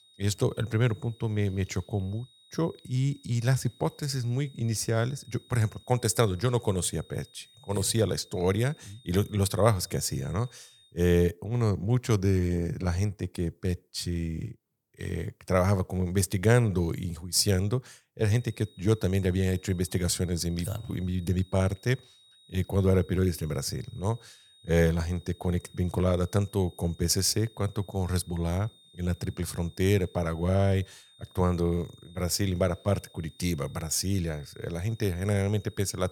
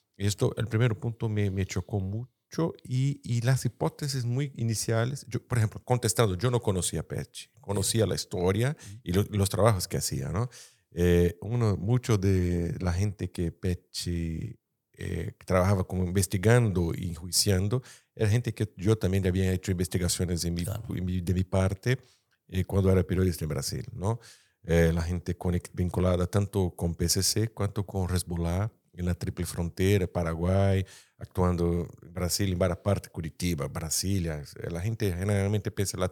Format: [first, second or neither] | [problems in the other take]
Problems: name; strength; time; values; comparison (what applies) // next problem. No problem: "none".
second | high-pitched whine; faint; until 11 s and from 18 s on; 4 kHz, 25 dB below the speech